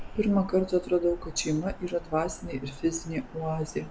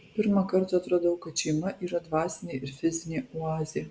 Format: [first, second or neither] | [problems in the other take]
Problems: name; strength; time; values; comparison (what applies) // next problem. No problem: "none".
second | background sound (Bird vocalization, bird call, bird song); 13 dB below the speech